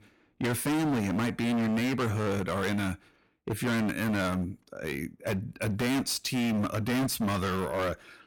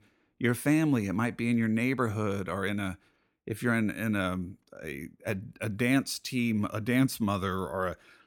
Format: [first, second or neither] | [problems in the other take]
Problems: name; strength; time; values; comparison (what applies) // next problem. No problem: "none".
second | distortion; heavy; 25% of the sound clipped